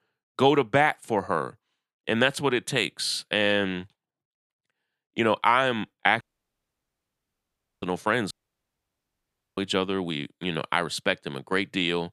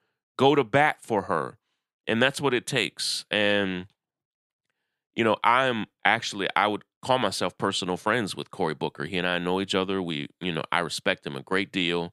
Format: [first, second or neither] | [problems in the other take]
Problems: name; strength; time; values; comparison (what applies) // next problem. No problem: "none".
second | audio cutting out; at 6 s for 1.5 s and at 8.5 s for 1.5 s